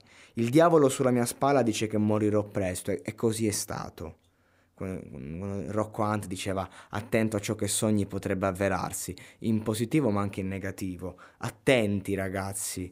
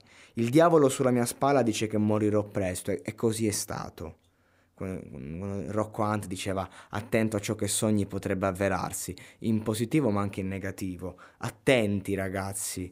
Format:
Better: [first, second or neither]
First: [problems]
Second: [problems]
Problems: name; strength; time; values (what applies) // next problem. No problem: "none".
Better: neither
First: none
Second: none